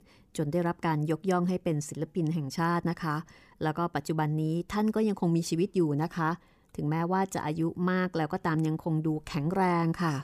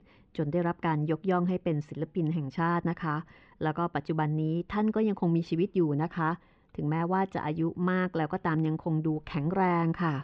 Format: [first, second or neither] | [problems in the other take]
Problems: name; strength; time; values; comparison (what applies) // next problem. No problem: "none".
first | muffled; slightly; fading above 3.5 kHz